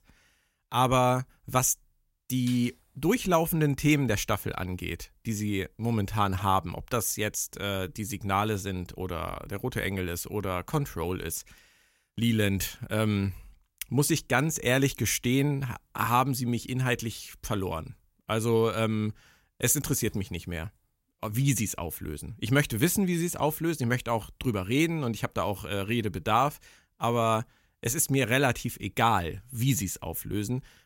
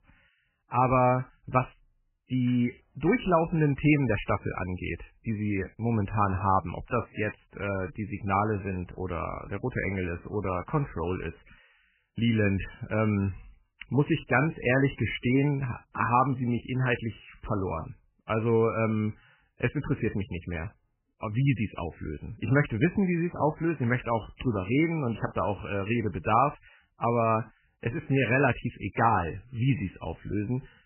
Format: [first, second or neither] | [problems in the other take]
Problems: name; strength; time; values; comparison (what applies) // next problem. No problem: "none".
first | garbled, watery; badly; nothing above 3 kHz